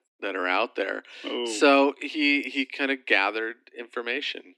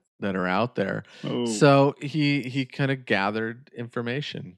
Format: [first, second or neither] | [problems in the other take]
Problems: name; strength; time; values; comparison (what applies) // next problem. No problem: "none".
second | thin; very slightly; fading below 250 Hz